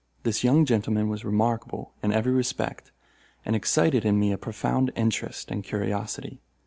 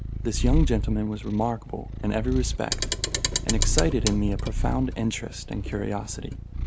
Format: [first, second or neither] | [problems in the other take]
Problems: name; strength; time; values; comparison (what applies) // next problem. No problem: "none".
first | background sound (Clock + Purr); 1 dB above the speech